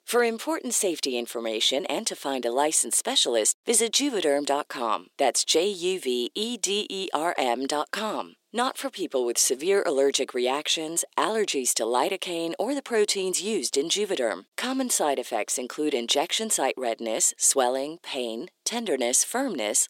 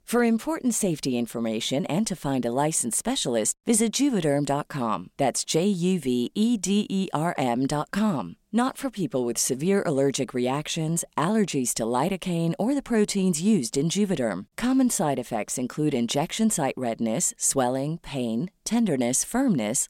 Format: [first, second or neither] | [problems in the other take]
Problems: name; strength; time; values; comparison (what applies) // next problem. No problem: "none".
second | thin; somewhat; fading below 350 Hz